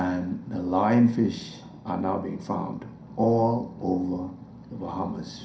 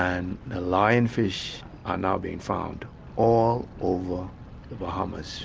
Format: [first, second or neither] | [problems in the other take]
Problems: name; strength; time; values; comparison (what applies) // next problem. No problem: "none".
second | room echo; dies away in 0.5 s